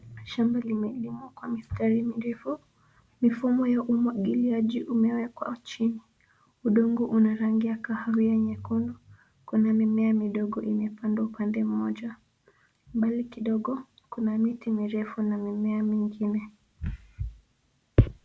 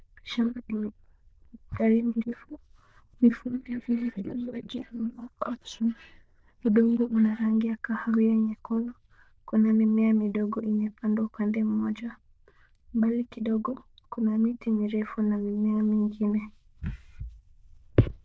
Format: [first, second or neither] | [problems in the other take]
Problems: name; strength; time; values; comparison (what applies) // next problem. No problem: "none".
first | noise reduction (neural diffusion model UNIVERSE++)